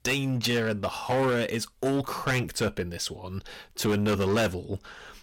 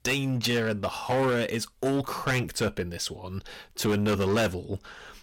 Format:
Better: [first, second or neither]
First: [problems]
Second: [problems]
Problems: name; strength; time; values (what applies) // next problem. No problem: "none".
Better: neither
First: distortion; heavy; 12% of the sound clipped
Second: distortion; heavy; 12% of the sound clipped